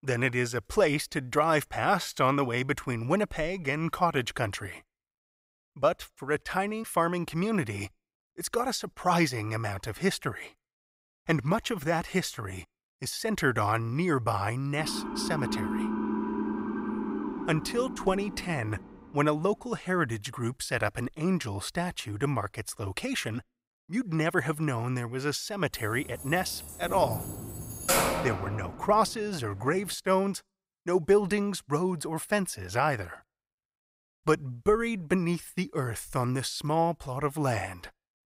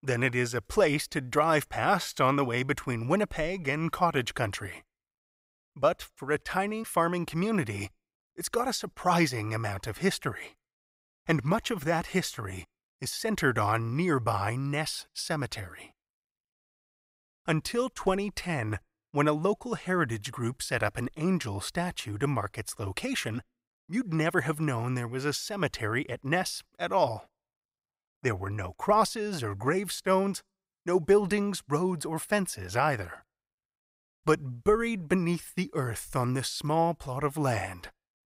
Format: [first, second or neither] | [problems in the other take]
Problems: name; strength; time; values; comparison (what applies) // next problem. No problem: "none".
second | siren; noticeable; from 15 to 19 s; peak 1 dB below the speech // jangling keys; loud; from 26 to 29 s; peak 5 dB above the speech